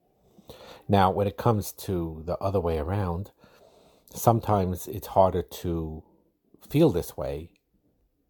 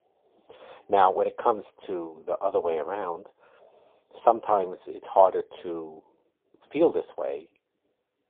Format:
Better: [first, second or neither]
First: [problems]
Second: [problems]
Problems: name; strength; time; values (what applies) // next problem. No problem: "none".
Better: first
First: none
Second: phone-call audio; poor line